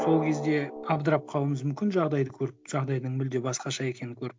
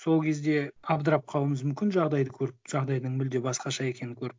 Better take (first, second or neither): second